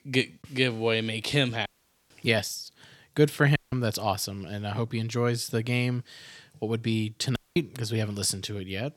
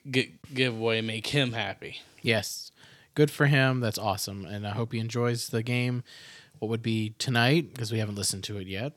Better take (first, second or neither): second